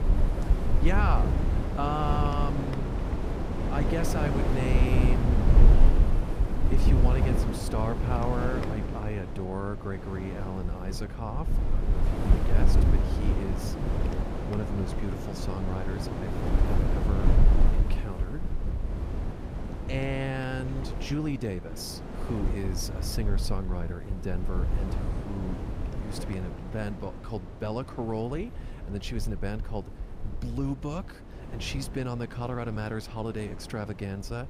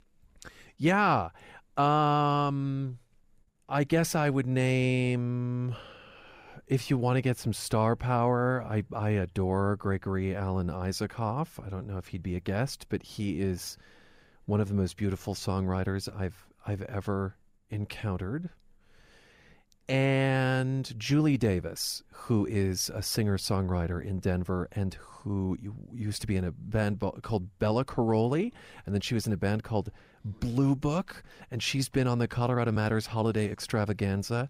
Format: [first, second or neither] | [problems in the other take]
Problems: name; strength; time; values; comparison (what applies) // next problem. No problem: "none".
second | wind noise on the microphone; heavy; 2 dB below the speech